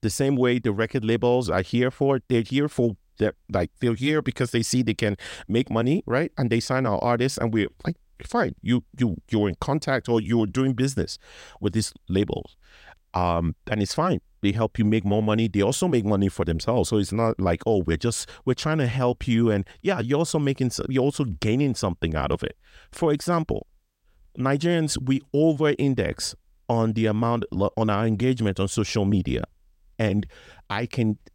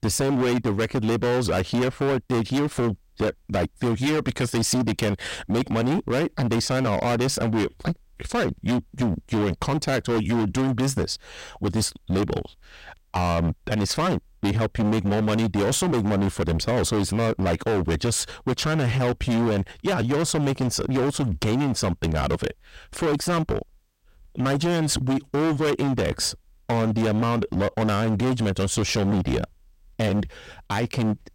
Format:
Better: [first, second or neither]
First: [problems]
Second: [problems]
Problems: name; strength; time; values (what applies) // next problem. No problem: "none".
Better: first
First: none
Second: distortion; heavy; 25% of the sound clipped